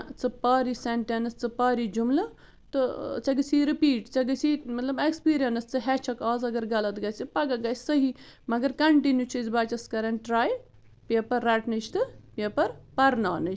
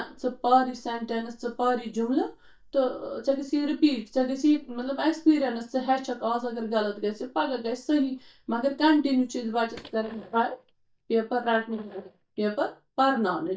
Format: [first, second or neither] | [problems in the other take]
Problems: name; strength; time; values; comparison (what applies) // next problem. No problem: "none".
first | noise reduction (neural mask model DeepFilterNet 3)